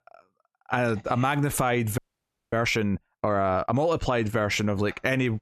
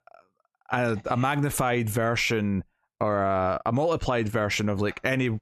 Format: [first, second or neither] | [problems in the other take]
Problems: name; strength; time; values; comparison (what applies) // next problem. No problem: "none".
second | audio freezing; at 2 s for 0.5 s